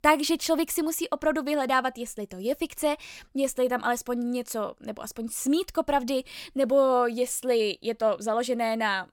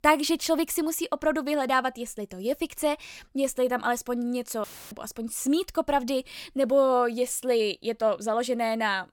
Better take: first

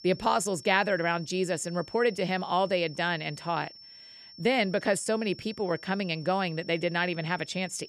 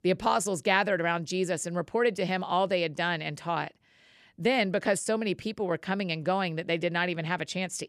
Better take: second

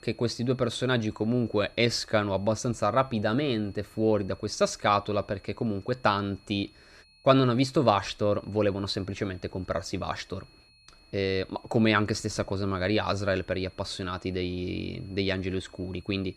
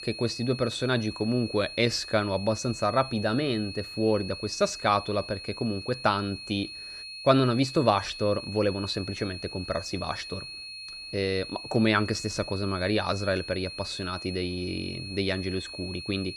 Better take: first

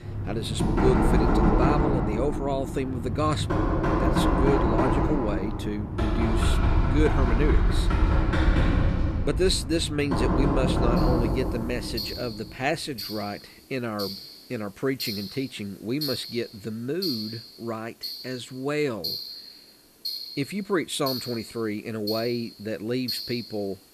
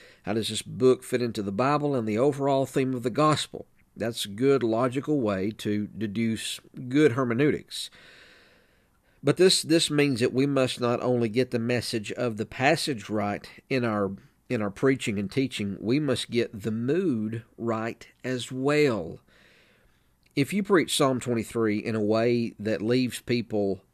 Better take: second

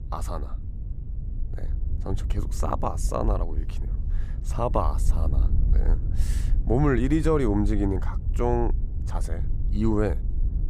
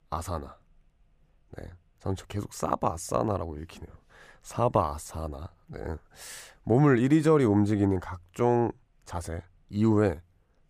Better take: second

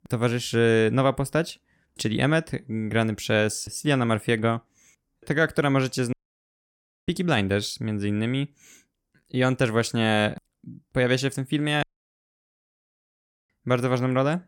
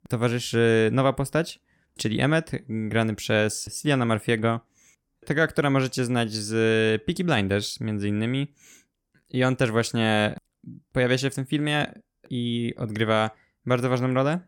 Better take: second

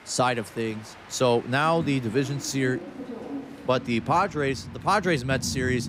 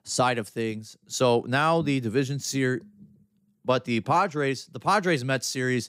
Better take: second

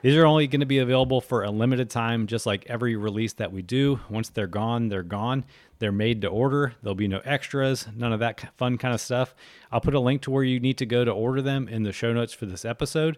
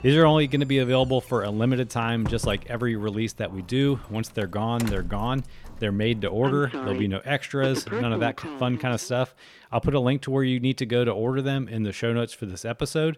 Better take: first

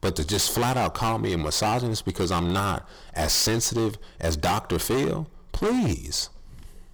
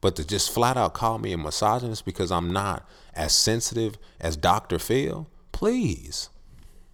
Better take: second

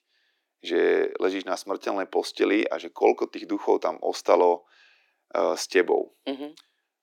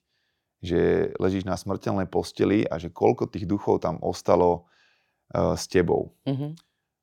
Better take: second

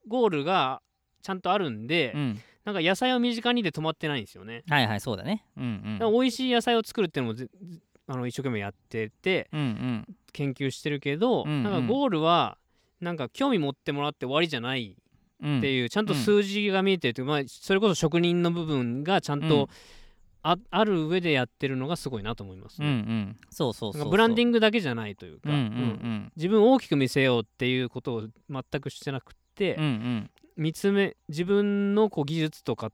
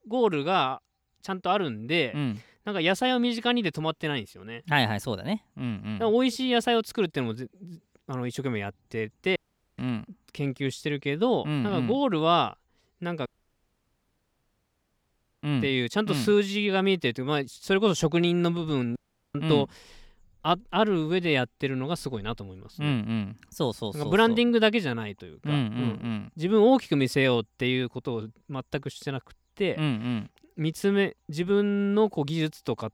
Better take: first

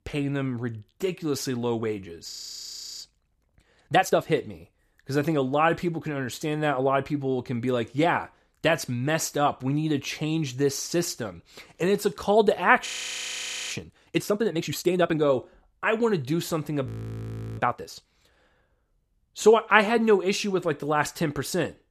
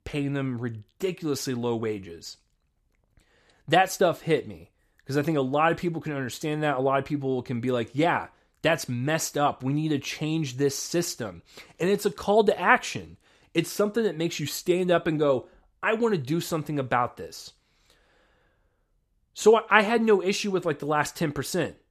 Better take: second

